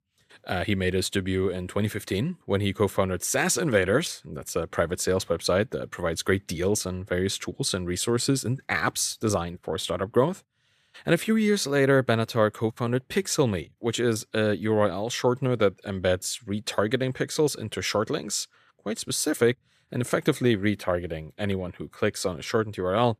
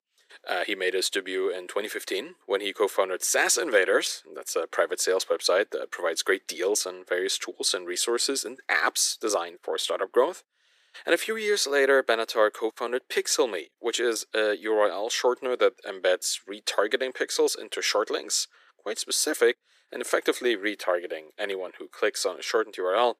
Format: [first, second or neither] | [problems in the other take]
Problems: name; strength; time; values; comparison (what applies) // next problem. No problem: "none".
first | thin; very; fading below 350 Hz